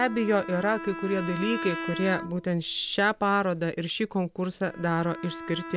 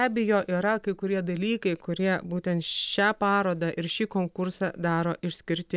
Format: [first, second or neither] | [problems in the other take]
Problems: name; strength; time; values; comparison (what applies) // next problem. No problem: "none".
second | background sound (Bowed string instrument); 11 dB below the speech